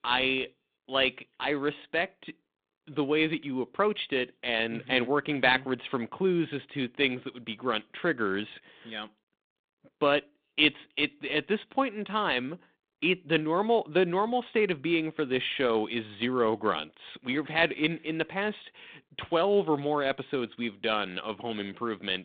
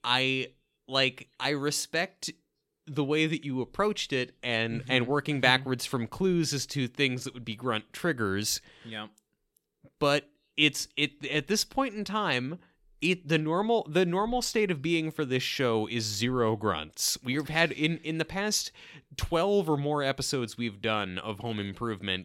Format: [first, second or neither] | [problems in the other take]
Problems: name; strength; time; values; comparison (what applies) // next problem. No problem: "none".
second | phone-call audio; nothing above 3.5 kHz